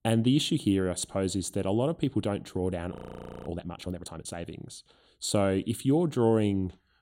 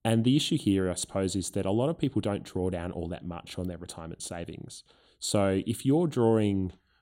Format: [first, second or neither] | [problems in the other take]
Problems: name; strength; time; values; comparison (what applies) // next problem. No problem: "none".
second | audio freezing; at 3 s for 0.5 s